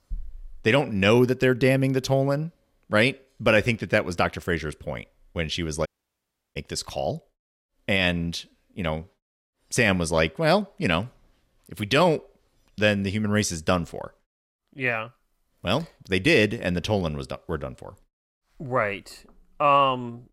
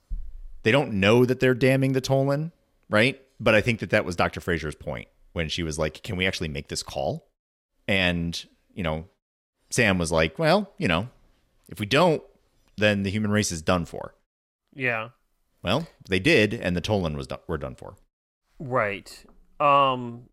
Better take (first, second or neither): second